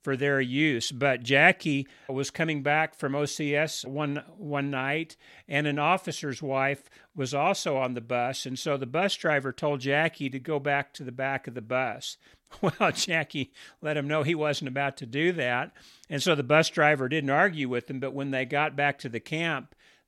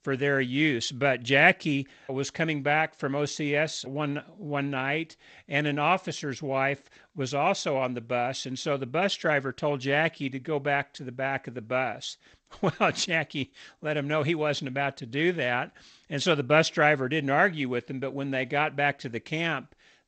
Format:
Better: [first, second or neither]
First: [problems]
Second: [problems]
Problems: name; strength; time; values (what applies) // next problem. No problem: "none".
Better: first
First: none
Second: garbled, watery; slightly; nothing above 7.5 kHz